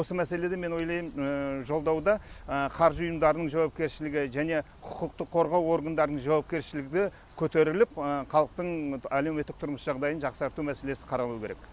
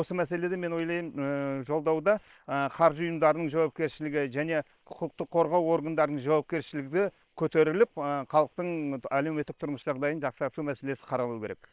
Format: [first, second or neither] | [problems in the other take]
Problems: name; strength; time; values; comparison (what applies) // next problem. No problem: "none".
first | noise reduction (neural separator model SepFormer WHAM!)